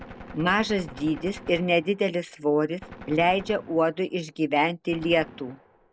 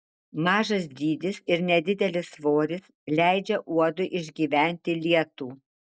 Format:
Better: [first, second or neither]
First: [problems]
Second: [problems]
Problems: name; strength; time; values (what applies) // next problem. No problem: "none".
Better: second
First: background sound (Gunshot, gunfire); 18 dB below the speech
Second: none